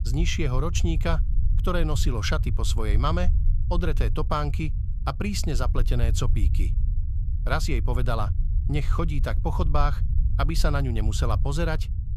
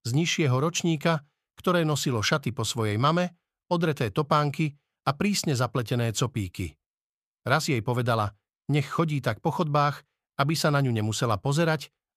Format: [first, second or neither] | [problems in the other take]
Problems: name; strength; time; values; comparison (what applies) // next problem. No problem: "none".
second | low rumble; noticeable; throughout; 15 dB below the speech